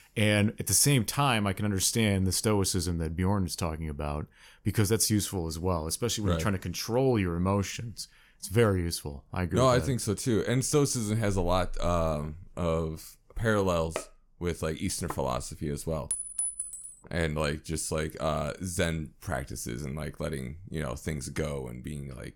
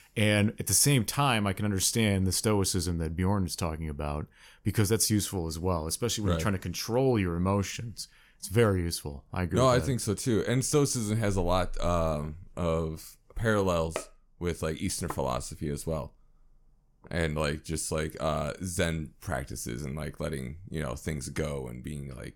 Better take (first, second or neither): second